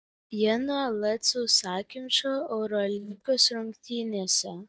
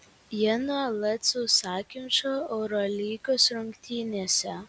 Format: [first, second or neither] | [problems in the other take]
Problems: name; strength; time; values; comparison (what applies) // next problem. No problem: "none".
second | noise reduction (neural mask model DeepFilterNet 3)